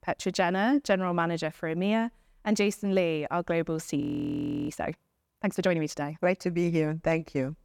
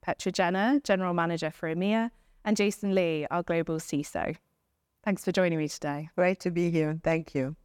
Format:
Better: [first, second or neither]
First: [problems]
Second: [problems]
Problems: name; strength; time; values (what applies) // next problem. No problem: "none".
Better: second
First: audio freezing; at 4 s for 0.5 s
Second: none